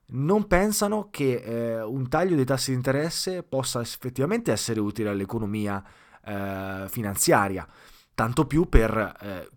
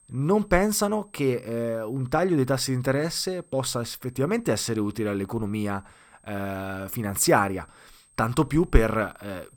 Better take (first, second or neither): first